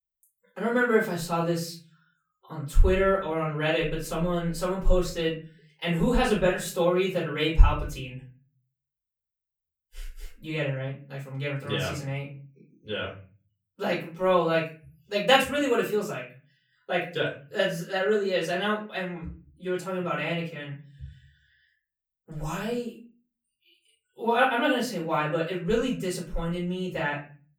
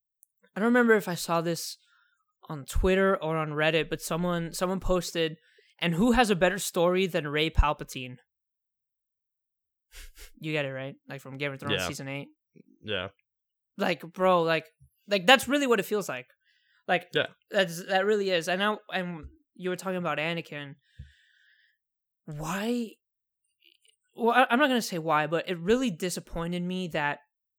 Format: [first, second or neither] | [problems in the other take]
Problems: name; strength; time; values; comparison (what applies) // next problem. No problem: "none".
second | off-mic speech; far // room echo; slight; dies away in 0.4 s